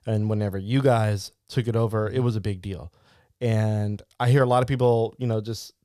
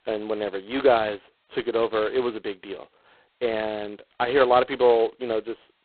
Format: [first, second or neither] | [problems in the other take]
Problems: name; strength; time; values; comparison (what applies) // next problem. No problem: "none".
first | phone-call audio; poor line; nothing above 4 kHz